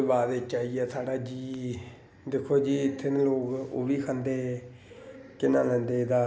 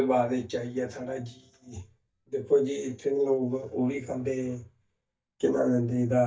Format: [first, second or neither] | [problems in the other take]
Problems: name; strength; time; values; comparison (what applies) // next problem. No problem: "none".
first | noise reduction (neural mask model DeepFilterNet 3)